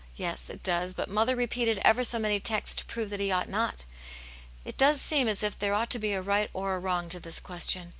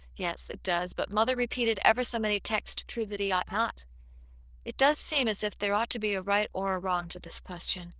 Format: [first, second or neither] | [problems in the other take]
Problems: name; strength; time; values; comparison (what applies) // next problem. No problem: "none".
first | noise reduction (neural diffusion model UNIVERSE++)